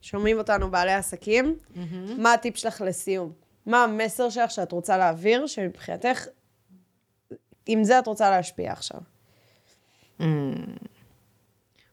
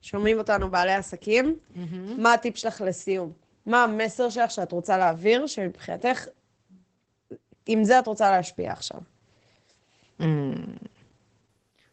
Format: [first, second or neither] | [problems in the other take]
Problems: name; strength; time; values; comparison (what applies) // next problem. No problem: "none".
first | garbled, watery; badly; nothing above 8 kHz